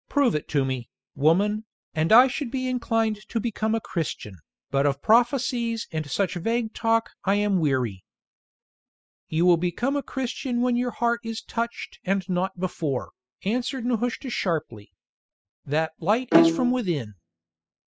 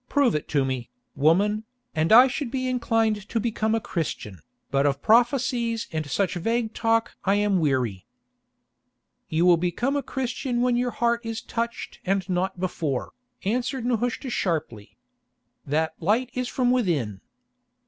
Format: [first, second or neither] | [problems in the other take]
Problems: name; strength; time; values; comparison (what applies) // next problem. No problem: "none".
second | noise reduction (classical method spectral subtraction)